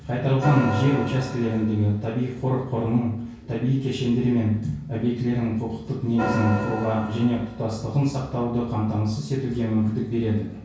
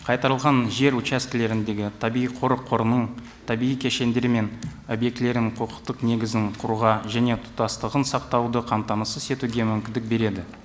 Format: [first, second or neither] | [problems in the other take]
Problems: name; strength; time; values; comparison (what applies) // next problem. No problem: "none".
second | background sound (Organ); 8 dB below the speech // room echo; dies away in 0.6 s